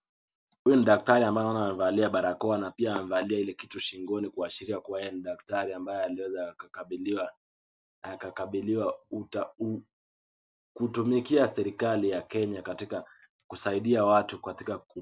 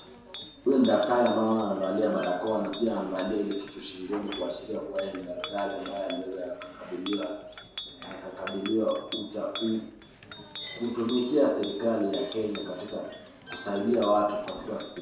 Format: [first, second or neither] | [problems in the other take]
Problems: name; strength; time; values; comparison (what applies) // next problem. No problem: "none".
first | background sound (Chink, clink); 14 dB below the speech // room echo; dies away in 0.7 s